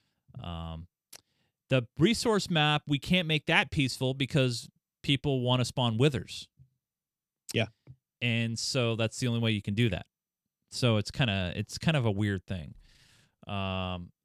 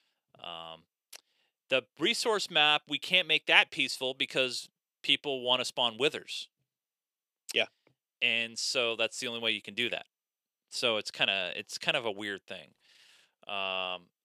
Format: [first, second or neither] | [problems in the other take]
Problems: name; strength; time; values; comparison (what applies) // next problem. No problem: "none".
first | thin; very; fading below 500 Hz